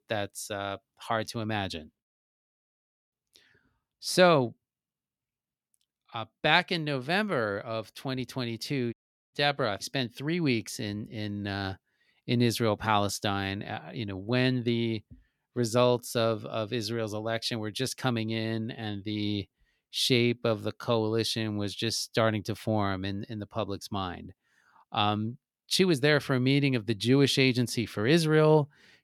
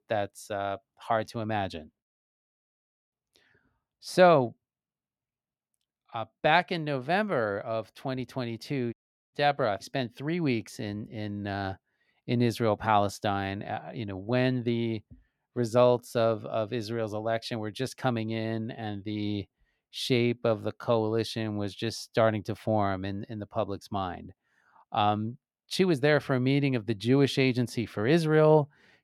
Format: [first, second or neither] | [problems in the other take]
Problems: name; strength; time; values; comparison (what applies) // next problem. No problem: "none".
first | muffled; slightly; fading above 2.5 kHz